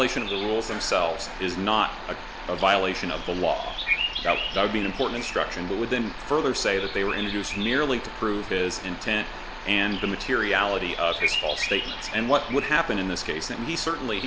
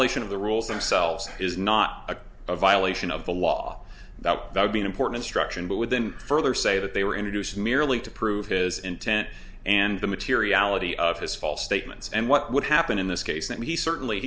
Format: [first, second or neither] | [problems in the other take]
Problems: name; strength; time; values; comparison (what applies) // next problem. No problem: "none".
second | background sound (Bird vocalization, bird call, bird song); 7 dB below the speech